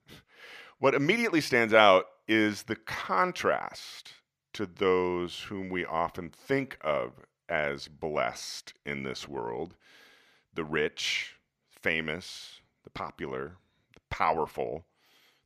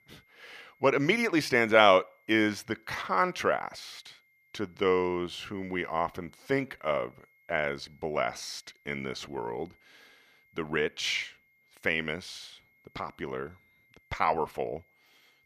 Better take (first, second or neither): first